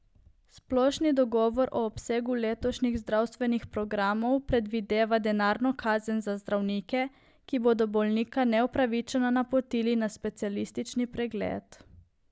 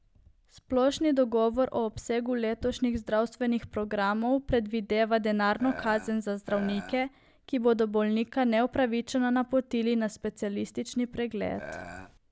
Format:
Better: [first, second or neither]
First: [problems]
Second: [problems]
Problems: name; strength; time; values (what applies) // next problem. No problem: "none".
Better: first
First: none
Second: background sound (Burping, eructation); 13 dB below the speech